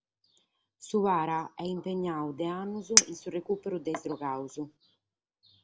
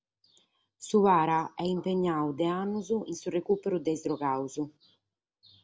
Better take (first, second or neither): second